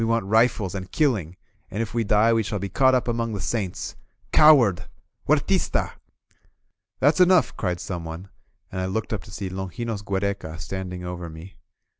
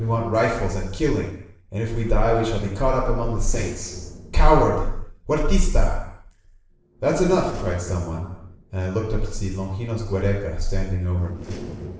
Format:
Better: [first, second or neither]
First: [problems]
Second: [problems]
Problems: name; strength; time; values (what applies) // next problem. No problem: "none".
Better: first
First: none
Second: noise reduction (neural separator model SepFormer DNS4)